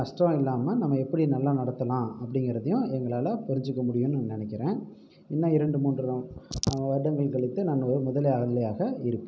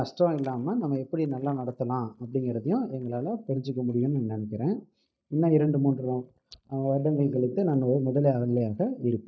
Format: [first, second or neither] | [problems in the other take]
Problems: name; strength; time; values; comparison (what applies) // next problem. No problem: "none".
first | noise reduction (neural mask model DeepFilterNet 3)